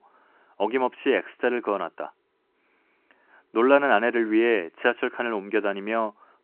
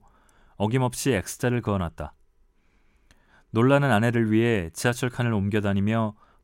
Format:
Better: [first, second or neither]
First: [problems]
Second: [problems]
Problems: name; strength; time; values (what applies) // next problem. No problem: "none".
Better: second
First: phone-call audio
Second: none